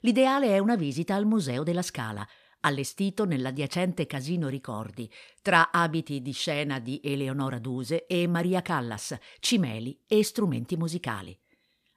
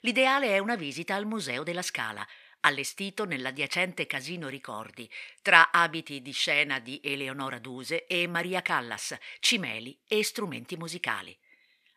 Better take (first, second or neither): first